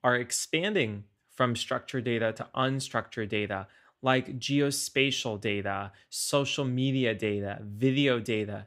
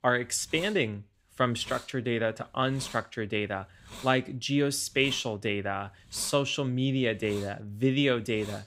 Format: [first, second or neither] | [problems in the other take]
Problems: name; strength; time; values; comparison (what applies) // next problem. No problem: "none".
first | hiss; noticeable; throughout; 20 dB below the speech